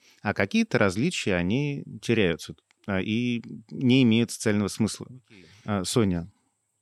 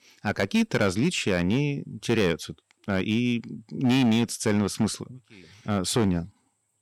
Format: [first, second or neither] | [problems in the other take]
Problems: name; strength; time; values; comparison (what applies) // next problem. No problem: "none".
first | distortion; slight; 6% of the sound clipped